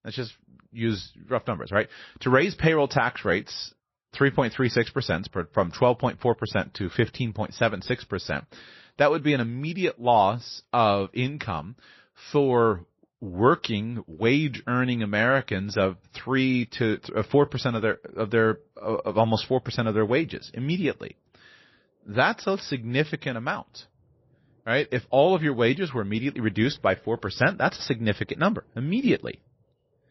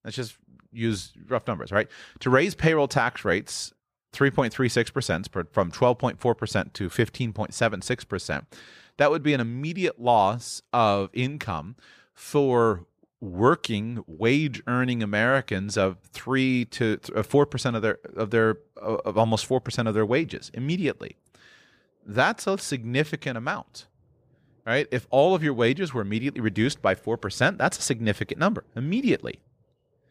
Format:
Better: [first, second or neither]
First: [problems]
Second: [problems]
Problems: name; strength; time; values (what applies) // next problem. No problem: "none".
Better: second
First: garbled, watery; slightly; nothing above 5.5 kHz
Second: none